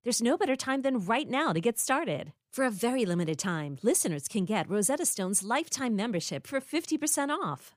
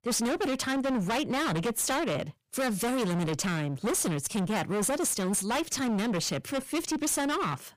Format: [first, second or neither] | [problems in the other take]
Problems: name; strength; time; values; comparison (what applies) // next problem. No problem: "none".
first | distortion; heavy; 36% of the sound clipped